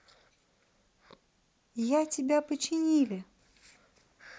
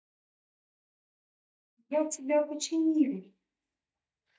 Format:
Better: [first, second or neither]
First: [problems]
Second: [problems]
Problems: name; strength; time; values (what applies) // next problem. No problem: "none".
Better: first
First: none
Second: noise reduction (neural mask model DeepFilterNet 3)